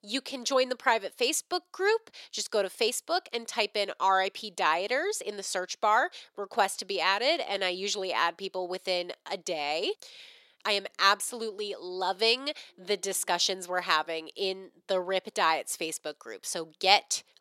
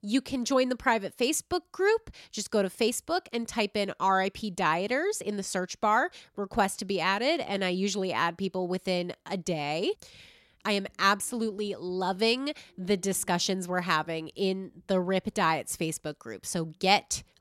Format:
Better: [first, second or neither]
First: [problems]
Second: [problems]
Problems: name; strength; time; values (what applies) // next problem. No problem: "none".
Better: second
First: thin; somewhat; fading below 500 Hz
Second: none